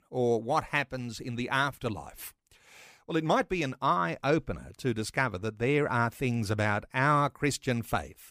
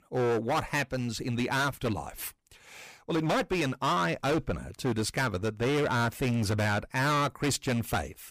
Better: first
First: none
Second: distortion; heavy; 17% of the sound clipped

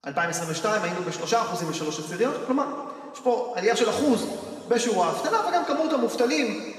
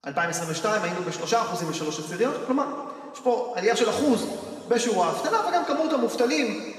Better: neither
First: room echo; noticeable; dies away in 2.1 s // off-mic speech; far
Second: room echo; noticeable; dies away in 2.1 s // off-mic speech; far

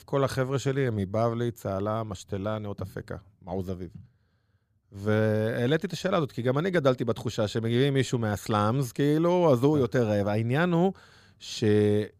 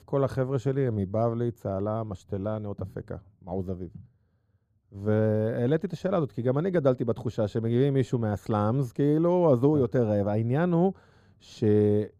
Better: first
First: none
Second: muffled; slightly; fading above 1.5 kHz

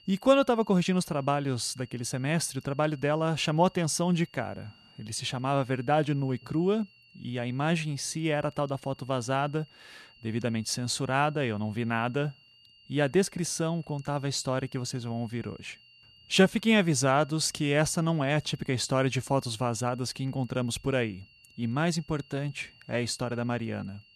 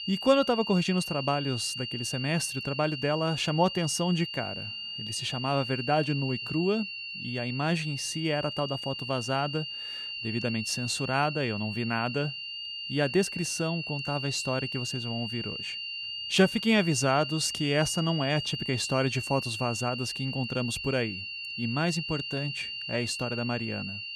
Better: first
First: high-pitched whine; faint; throughout; 3 kHz, 25 dB below the speech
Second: high-pitched whine; loud; throughout; 3 kHz, 5 dB below the speech

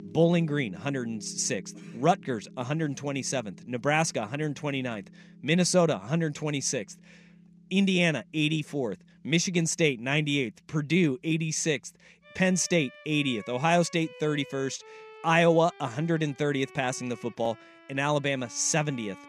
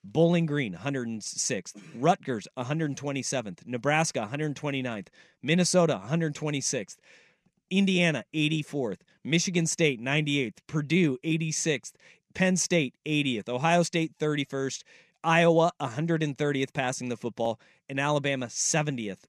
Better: second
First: background music; faint; throughout; 20 dB below the speech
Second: none

